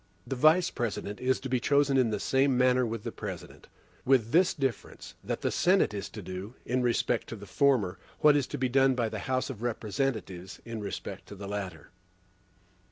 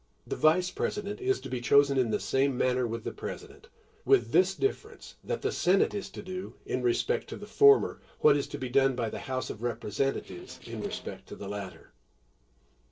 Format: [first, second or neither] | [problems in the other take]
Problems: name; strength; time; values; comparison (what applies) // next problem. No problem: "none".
first | noise reduction (neural separator model SepFormer DNS4)